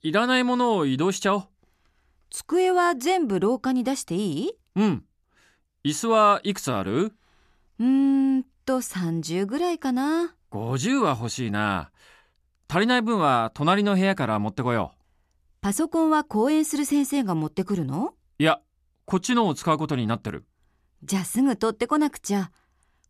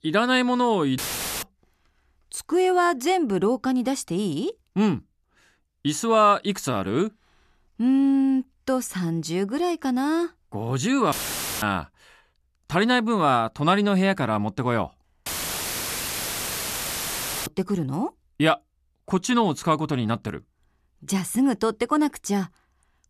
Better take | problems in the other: first | audio cutting out; filled with static; at 1 s, at 11 s for 0.5 s and at 15 s for 2 s

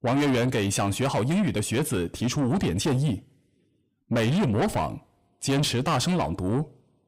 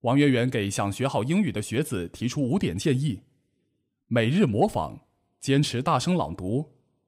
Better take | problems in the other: second | distortion; heavy; 7 dB below the speech

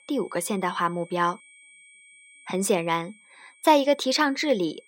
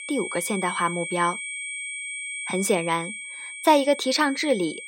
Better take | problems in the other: first | high-pitched whine; loud; throughout; 2.5 kHz, 8 dB below the speech; faint in the first

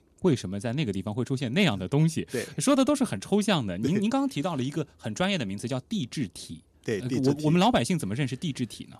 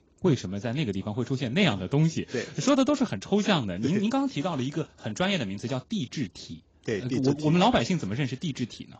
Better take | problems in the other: first | garbled, watery; badly; nothing above 7.5 kHz

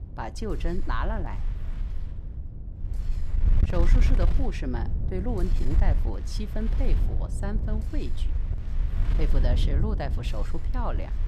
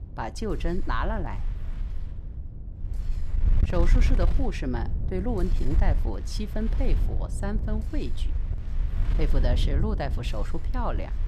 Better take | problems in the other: second | wind noise on the microphone; heavy; 9 dB below the speech; occasional gusts in the second

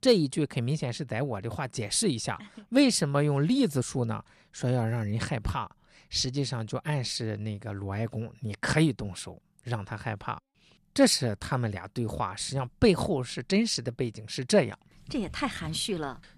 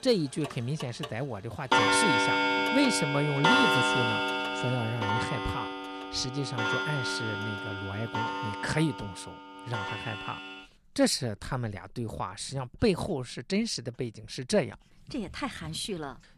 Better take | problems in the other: first | household noises; very loud; throughout; 3 dB above the speech

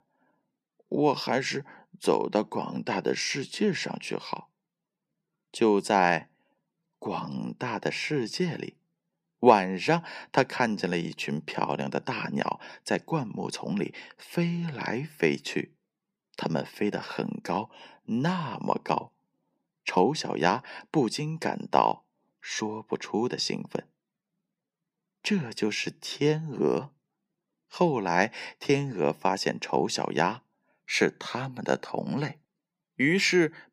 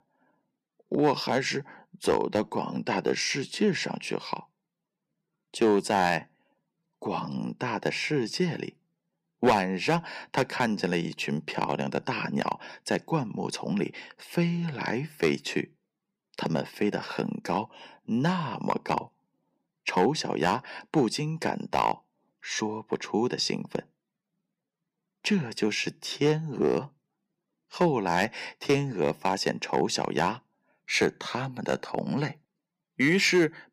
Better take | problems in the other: first | distortion; slight; 1.2% of the sound clipped

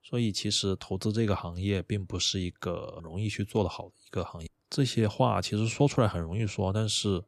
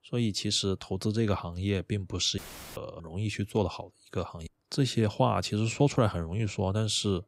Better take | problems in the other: first | audio cutting out; filled with static; at 2.5 s

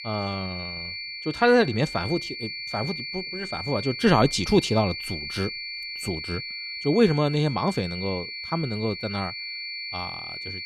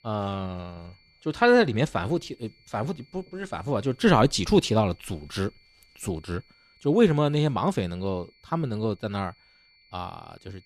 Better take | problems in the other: second | high-pitched whine; loud; throughout; 4.5 kHz, 7 dB below the speech; faint in the second

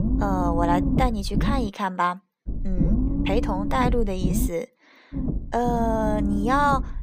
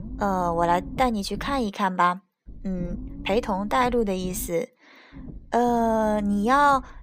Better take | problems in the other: second | low rumble; loud; until 1.5 s, from 2.5 to 4.5 s and from 5 s on; 9 dB below the speech; faint in the second

